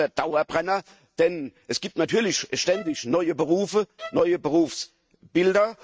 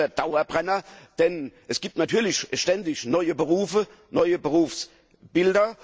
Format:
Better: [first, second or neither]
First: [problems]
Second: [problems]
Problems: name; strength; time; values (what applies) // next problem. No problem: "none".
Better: second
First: noise reduction (neural mask model RNNoise)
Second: none